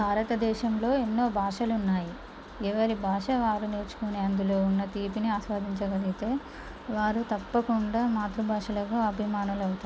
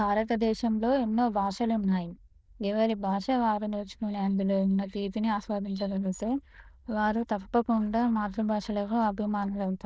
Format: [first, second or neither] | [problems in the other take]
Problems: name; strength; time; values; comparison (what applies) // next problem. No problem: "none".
first | noise reduction (neural diffusion model UNIVERSE++)